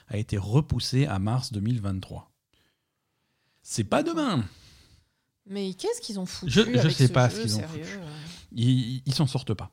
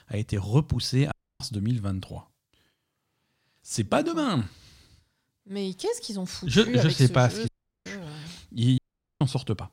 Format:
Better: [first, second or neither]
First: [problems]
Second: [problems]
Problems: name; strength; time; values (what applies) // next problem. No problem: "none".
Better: first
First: none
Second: audio cutting out; at 1 s, at 7.5 s and at 9 s